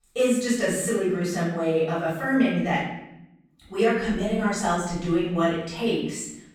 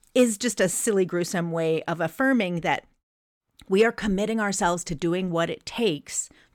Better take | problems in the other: second | room echo; noticeable; dies away in 0.8 s // off-mic speech; far

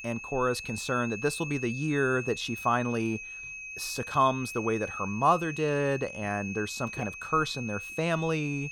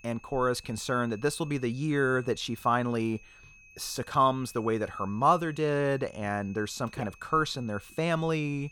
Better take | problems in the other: second | high-pitched whine; loud; throughout; 2.5 kHz, 9 dB below the speech; faint in the second

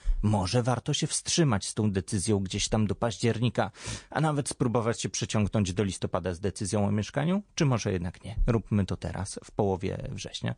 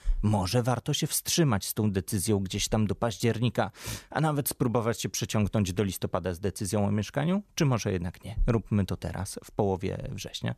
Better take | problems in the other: second | garbled, watery; slightly; nothing above 9 kHz

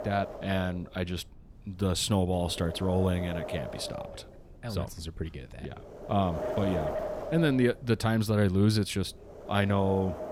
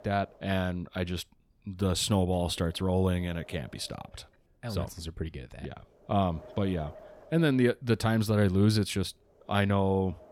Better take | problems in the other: second | wind noise on the microphone; heavy; 5 dB below the speech; occasional gusts in the second

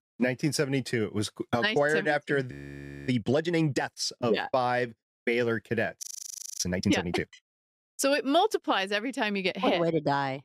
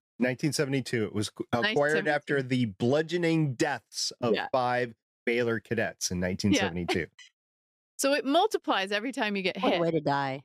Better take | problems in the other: second | audio freezing; at 2.5 s for 0.5 s and at 6 s for 0.5 s

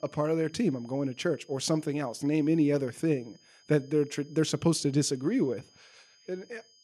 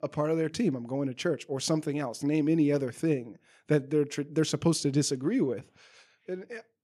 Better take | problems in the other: second | high-pitched whine; faint; throughout; 5 kHz, 30 dB below the speech

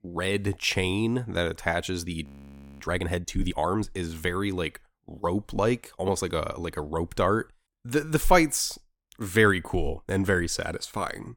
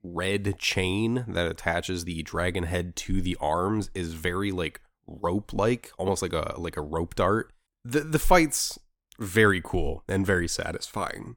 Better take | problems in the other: second | audio freezing; at 2.5 s for 0.5 s

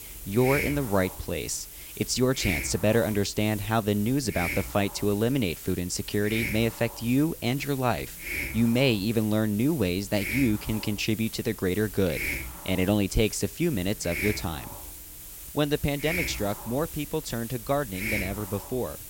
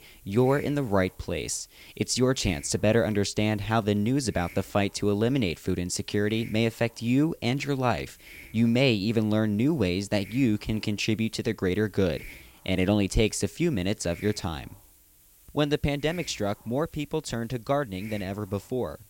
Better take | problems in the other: second | hiss; loud; throughout; 8 dB below the speech; faint in the second

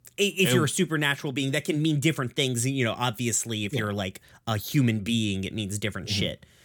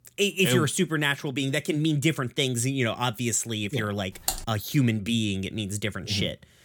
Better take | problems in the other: first | keyboard typing; noticeable; at 4.5 s; peak 4 dB below the speech

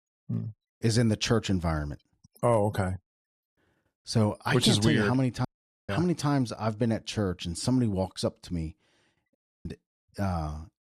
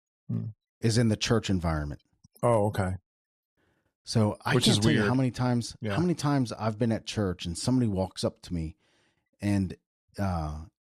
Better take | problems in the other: second | audio cutting out; at 5.5 s and at 9.5 s

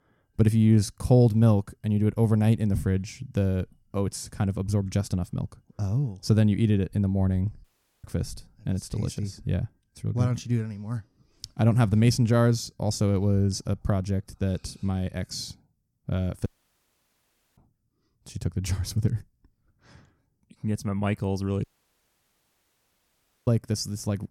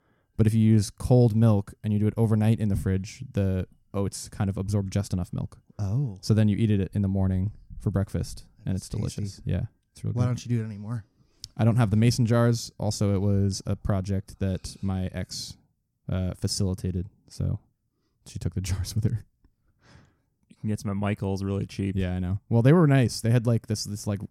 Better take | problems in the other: second | audio cutting out; at 7.5 s, at 16 s for 1 s and at 22 s for 2 s

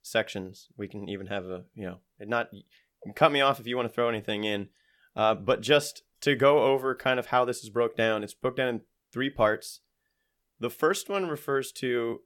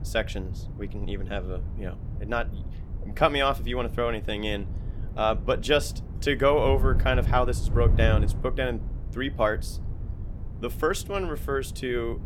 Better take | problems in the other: first | wind noise on the microphone; occasional gusts; 20 dB below the speech

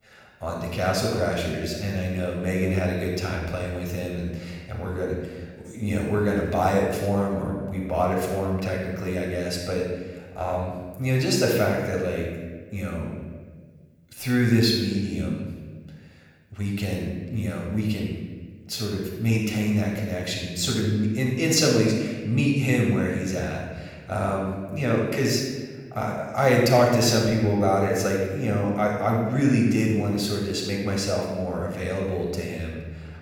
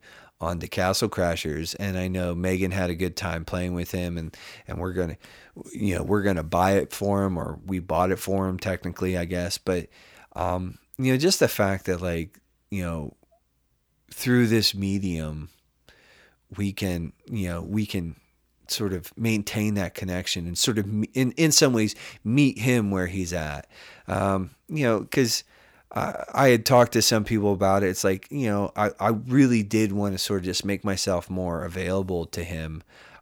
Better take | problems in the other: second | off-mic speech; somewhat distant // room echo; noticeable; dies away in 1.3 s

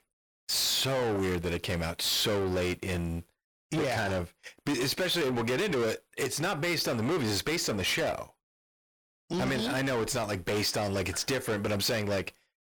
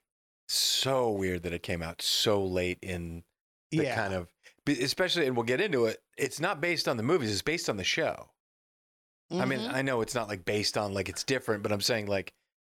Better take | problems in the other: second | distortion; heavy; 6 dB below the speech

